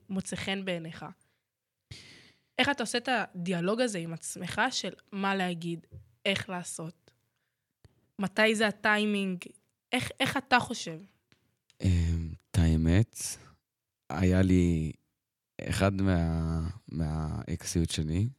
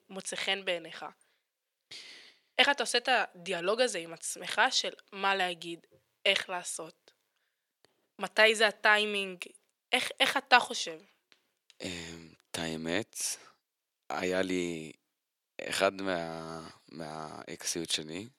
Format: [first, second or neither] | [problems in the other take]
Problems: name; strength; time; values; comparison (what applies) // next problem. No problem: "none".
first | thin; very; fading below 500 Hz